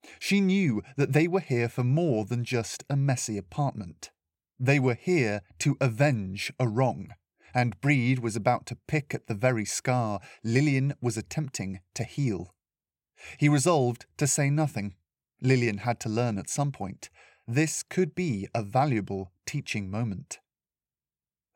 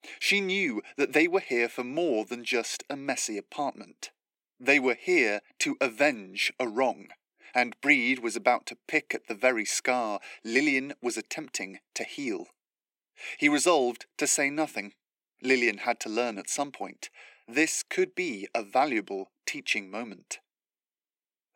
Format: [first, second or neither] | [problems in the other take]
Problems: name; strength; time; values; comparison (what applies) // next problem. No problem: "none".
first | thin; somewhat; fading below 250 Hz